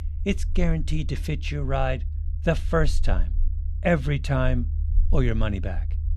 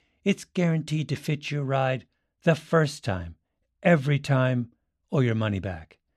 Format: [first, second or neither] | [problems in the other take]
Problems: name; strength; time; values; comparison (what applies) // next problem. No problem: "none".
second | low rumble; faint; throughout; 20 dB below the speech